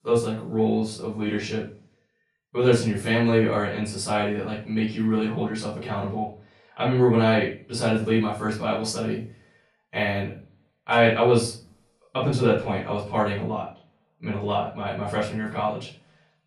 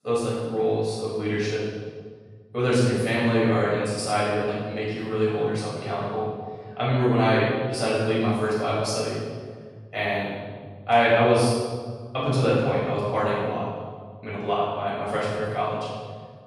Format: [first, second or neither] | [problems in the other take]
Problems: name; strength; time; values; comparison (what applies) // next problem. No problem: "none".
first | room echo; strong; dies away in 1.5 s; slight in the first // off-mic speech; far; far in the first